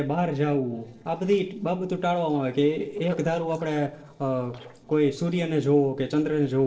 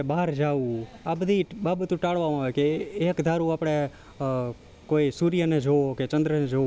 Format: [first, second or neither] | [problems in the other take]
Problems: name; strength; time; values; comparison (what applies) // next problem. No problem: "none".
second | noise reduction (neural separator model SepFormer DNS4)